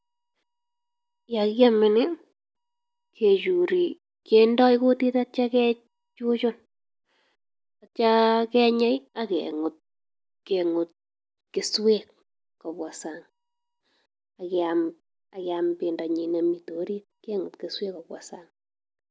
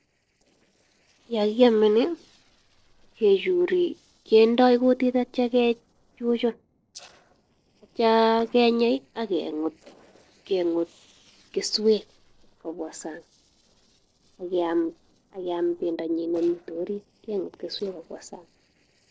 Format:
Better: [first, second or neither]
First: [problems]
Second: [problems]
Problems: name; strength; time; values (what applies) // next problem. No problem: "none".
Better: first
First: none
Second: noise reduction (neural separator model SepFormer DNS4)